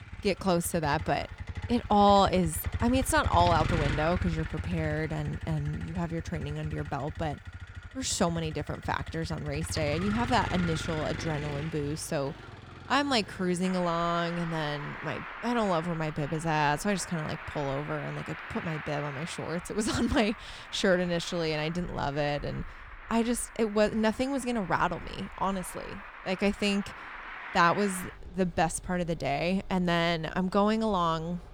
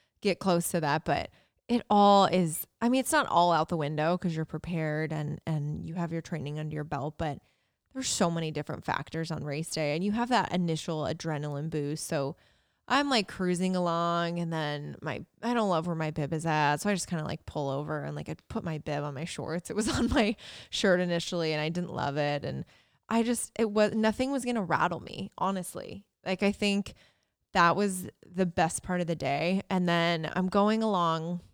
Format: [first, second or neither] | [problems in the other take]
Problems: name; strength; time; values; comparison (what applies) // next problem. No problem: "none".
second | traffic noise; noticeable; throughout; 10 dB below the speech